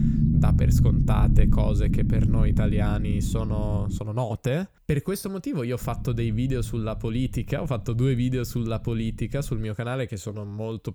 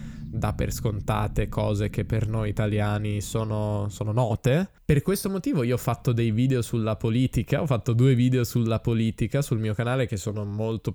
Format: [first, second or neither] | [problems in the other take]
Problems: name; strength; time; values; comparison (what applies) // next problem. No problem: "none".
second | low rumble; loud; until 4 s and from 6 to 9.5 s; 1 dB below the speech; faint in the second